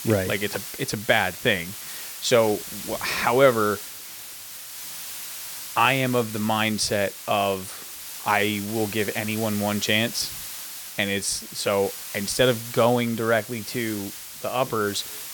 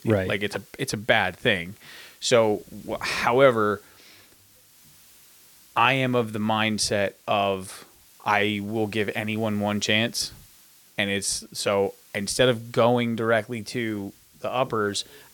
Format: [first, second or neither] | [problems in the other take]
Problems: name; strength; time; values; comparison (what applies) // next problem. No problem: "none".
second | hiss; loud; throughout; 10 dB below the speech; faint in the second